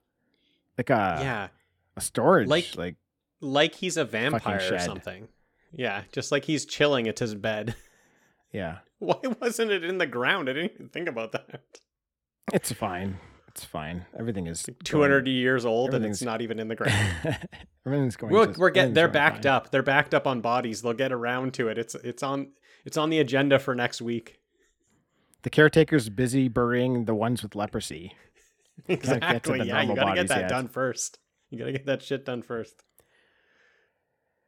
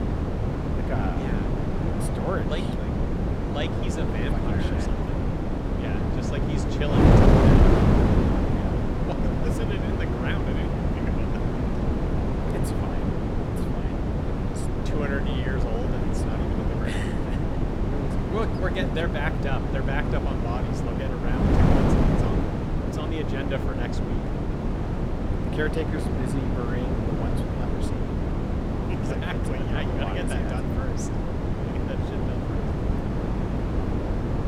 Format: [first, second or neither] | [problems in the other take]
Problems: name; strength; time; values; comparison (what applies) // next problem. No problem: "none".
first | wind noise on the microphone; heavy; 4 dB above the speech